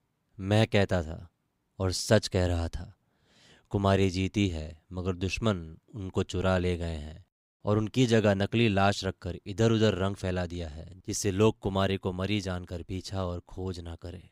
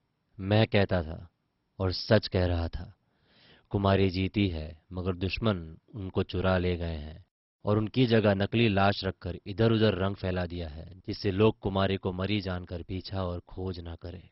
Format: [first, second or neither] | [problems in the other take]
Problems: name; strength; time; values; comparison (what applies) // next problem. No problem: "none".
first | garbled, watery; badly; nothing above 5.5 kHz